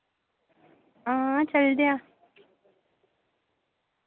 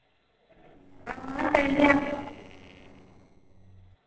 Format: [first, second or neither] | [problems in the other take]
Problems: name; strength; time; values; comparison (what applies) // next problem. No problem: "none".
first | noise reduction (neural separator model SepFormer DNS4)